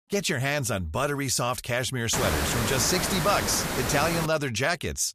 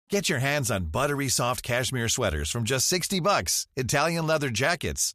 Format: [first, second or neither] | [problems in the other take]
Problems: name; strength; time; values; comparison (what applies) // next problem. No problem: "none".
second | hiss; loud; from 2 to 4.5 s; 3 dB below the speech